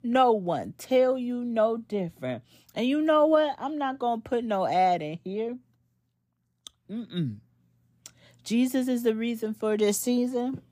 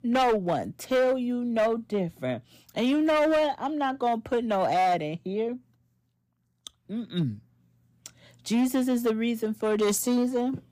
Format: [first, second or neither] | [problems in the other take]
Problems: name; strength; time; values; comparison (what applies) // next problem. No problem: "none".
first | distortion; slight; 9% of the sound clipped